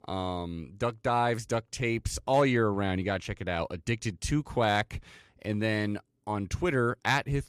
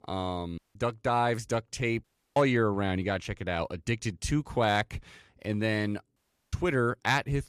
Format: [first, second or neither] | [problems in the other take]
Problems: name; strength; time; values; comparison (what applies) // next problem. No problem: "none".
first | audio cutting out; at 0.5 s, at 2 s and at 6 s